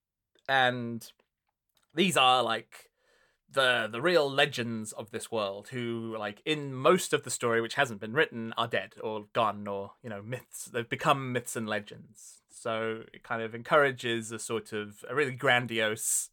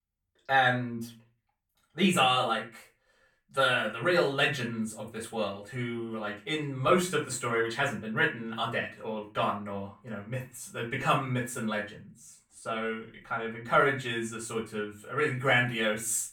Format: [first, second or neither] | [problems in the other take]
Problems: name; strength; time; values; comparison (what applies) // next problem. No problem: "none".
first | room echo; slight; dies away in 0.3 s // off-mic speech; far